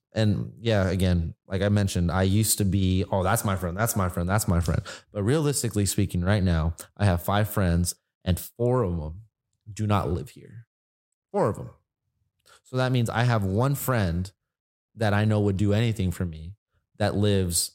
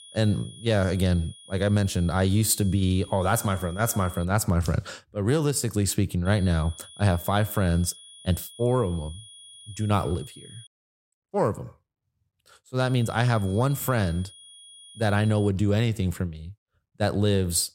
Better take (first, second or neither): first